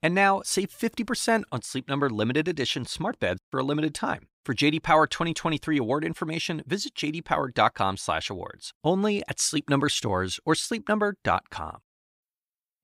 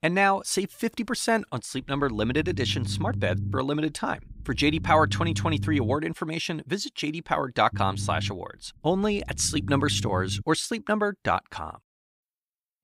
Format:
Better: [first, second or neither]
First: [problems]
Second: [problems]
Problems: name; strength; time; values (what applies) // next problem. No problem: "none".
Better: first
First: none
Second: low rumble; noticeable; from 1.5 to 6 s and from 7.5 to 10 s; 20 dB below the speech